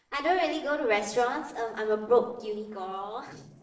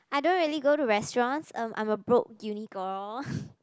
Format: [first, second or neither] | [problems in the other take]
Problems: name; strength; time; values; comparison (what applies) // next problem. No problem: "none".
second | noise reduction (neural separator model SepFormer DNS4)